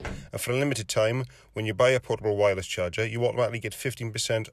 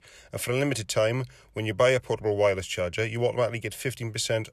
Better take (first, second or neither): second